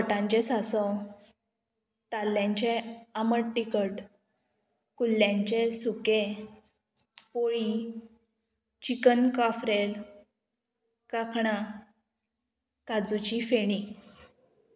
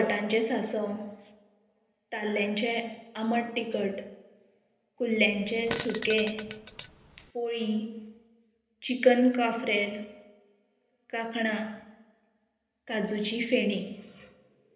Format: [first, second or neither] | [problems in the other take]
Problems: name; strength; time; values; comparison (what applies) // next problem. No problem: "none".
first | background sound (Fart); 11 dB below the speech // room echo; dies away in 0.8 s